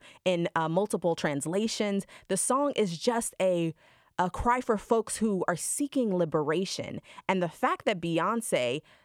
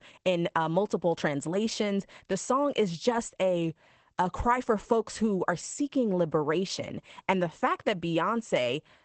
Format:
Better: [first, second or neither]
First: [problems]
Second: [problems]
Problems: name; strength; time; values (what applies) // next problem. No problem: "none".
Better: first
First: none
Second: garbled, watery; badly; nothing above 8 kHz